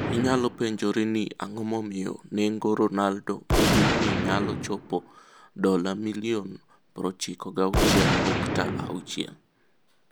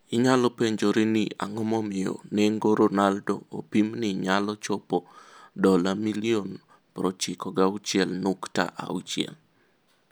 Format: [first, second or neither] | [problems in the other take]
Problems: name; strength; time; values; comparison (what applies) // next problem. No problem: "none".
second | background sound (Gunshot, gunfire); 1 dB below the speech